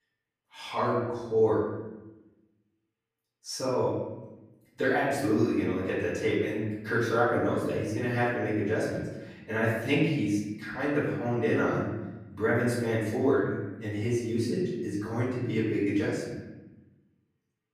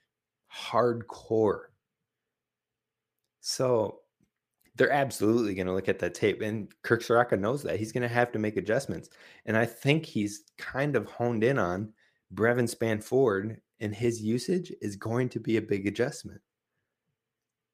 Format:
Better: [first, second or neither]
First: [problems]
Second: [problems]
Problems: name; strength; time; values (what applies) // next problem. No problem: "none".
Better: second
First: off-mic speech; far // room echo; noticeable; dies away in 1 s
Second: none